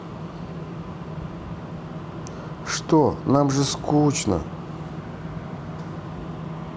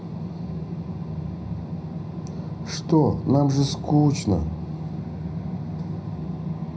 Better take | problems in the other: first | room echo; dies away in 0.5 s

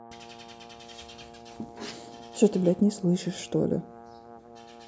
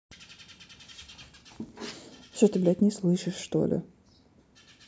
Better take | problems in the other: second | background sound (Brass instrument); 18 dB below the speech

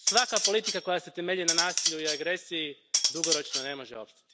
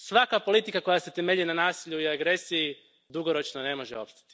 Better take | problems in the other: second | background sound (Cutlery, silverware); 1 dB above the speech

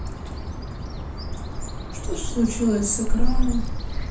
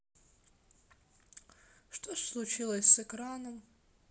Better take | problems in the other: second | background sound (Bird); 4 dB above the speech // room echo; dies away in 0.9 s

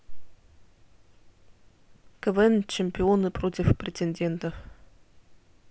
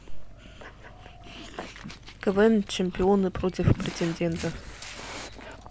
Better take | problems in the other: first | background sound (Dog); 14 dB below the speech

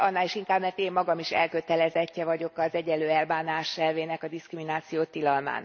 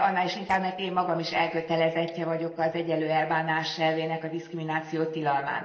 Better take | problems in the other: first | noise reduction (neural separator model SepFormer DNS4)

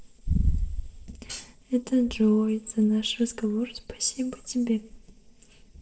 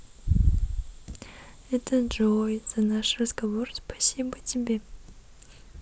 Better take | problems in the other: second | noise reduction (neural separator model SepFormer DNS4)

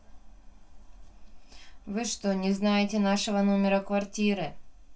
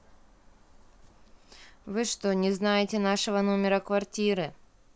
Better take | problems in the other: second | room echo; dies away in 0.2 s

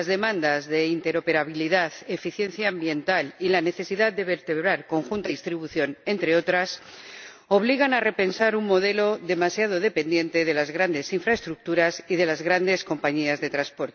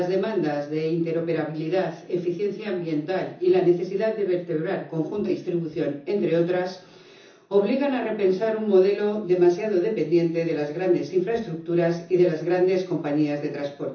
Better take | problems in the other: first | room echo; dies away in 0.6 s

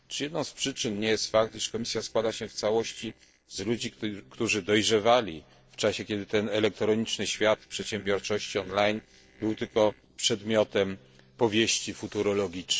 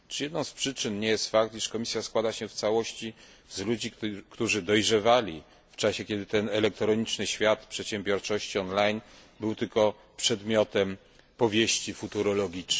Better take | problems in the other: second | noise reduction (neural separator model SepFormer DNS4)

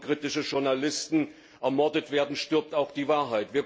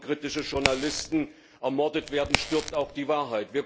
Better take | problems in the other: first | background sound (Crack); 4 dB below the speech

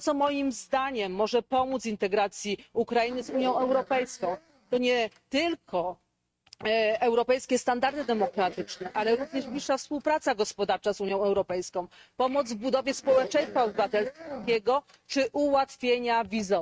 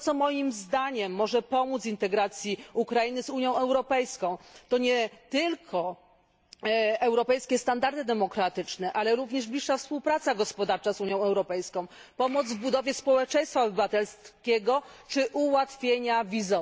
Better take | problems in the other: second | noise reduction (neural mask model RNNoise)

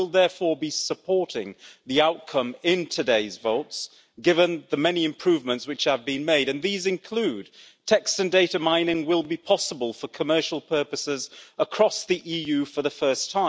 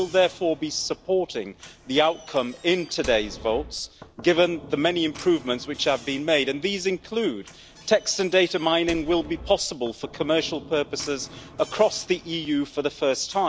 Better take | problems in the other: first | background sound (Knock / Slam); 19 dB below the speech

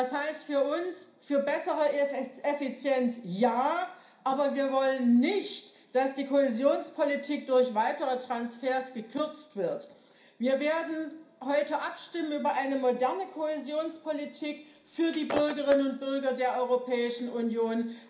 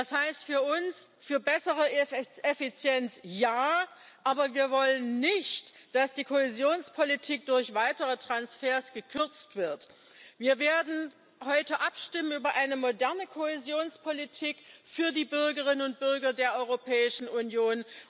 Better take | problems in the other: second | background sound (Shatter); 11 dB below the speech // room echo; dies away in 0.5 s

